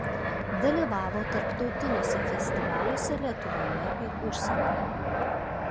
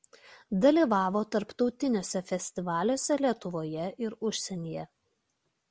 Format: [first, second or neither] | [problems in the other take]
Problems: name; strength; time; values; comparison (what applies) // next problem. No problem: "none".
second | background sound (Fixed-wing aircraft, airplane); 4 dB above the speech